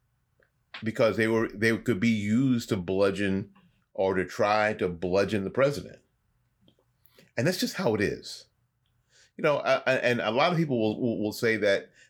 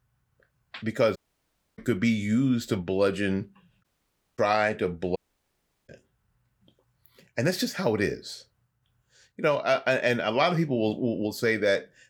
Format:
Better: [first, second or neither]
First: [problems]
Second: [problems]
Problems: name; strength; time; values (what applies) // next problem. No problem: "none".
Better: first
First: none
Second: audio cutting out; at 1 s for 0.5 s, at 4 s for 0.5 s and at 5 s for 0.5 s